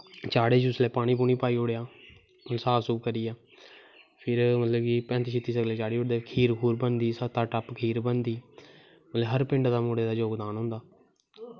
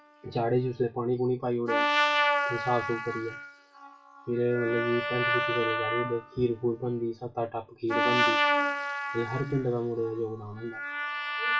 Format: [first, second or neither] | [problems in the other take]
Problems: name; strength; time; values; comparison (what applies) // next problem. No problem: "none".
first | noise reduction (classical method WPE with log-MMSE)